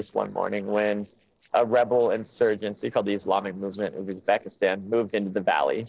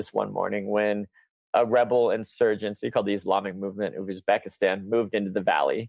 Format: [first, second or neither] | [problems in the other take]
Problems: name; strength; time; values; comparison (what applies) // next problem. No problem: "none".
second | noise reduction (neural separator model SepFormer DNS4)